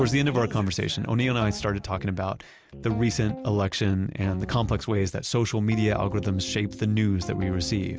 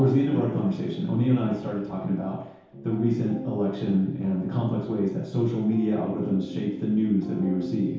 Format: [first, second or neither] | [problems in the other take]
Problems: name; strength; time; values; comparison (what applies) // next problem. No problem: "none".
first | room echo; dies away in 0.8 s